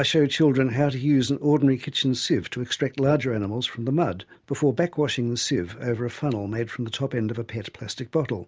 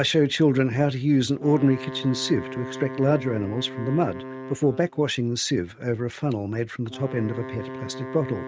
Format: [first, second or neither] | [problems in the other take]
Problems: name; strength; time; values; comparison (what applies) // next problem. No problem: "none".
first | noise reduction (neural mask model RNNoise)